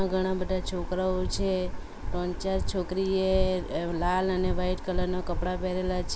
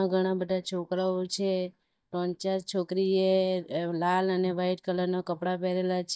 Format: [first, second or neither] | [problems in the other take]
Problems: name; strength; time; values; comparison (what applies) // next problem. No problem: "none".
first | noise reduction (neural mask model DeepFilterNet 3)